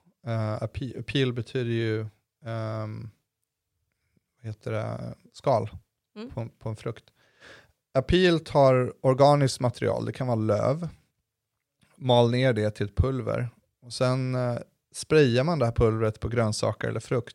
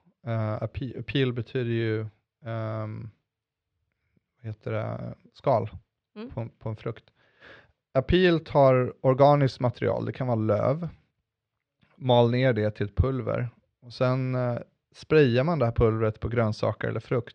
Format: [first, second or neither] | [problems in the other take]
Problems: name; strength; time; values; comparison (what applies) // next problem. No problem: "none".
first | muffled; slightly; fading above 3.5 kHz